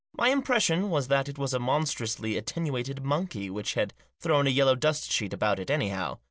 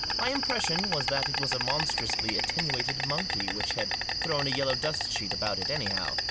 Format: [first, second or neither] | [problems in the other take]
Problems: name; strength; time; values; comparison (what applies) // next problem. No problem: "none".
first | background sound (Insect); 4 dB above the speech